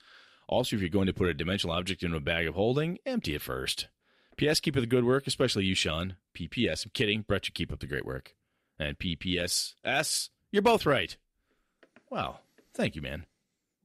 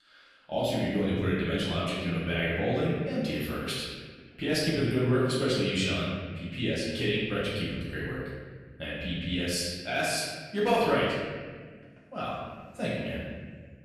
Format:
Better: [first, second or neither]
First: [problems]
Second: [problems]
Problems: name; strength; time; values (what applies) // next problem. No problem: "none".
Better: first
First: none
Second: room echo; noticeable; dies away in 1.5 s // off-mic speech; far